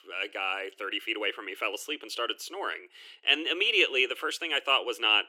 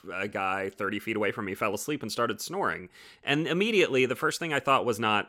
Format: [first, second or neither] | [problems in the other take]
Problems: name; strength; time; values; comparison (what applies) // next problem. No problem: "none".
second | thin; very; fading below 300 Hz